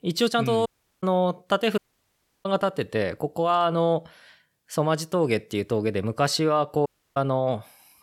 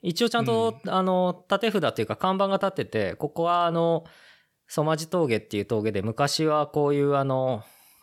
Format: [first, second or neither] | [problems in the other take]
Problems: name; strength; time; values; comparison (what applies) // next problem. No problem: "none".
second | audio cutting out; at 0.5 s, at 2 s for 0.5 s and at 7 s